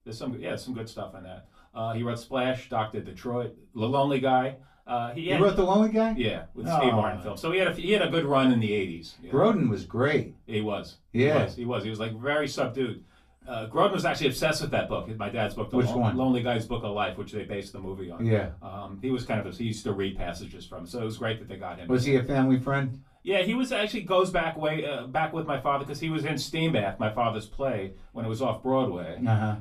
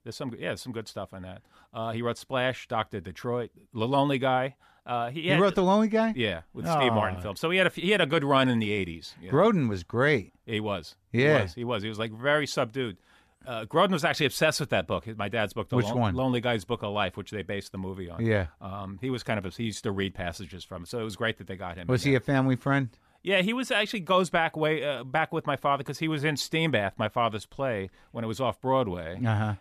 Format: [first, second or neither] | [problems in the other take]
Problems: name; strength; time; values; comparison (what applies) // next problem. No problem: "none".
second | off-mic speech; far // room echo; very slight; dies away in 0.2 s